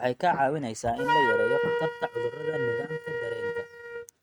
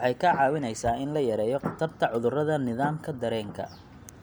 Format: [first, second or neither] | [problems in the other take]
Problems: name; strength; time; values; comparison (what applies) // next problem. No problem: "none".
second | noise reduction (neural mask model RNNoise)